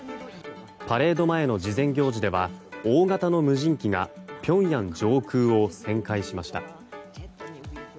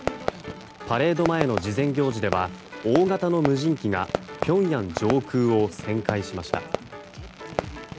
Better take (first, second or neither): first